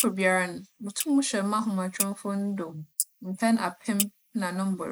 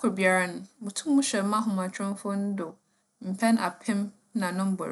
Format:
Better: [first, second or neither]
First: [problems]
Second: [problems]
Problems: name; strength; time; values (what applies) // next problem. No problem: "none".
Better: second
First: noise reduction (neural mask model Resemble Enhance denoiser)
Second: none